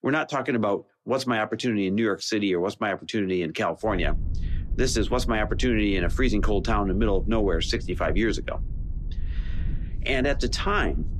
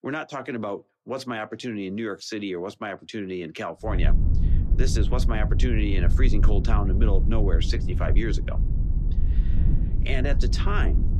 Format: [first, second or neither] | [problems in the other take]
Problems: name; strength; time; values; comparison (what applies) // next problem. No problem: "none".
first | wind noise on the microphone; heavy; from 4 s on; 9 dB below the speech; occasional gusts in the first